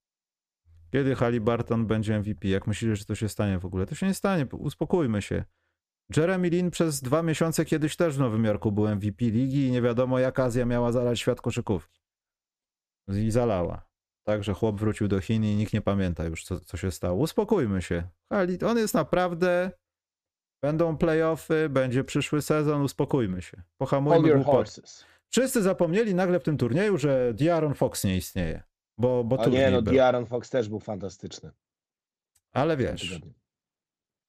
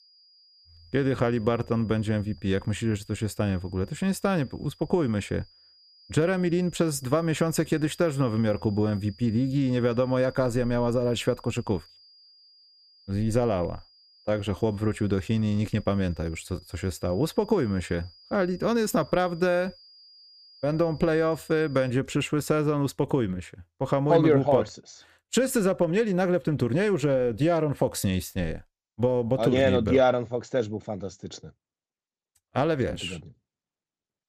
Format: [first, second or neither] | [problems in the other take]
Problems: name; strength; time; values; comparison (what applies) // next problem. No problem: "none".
first | high-pitched whine; faint; until 22 s; 5 kHz, 25 dB below the speech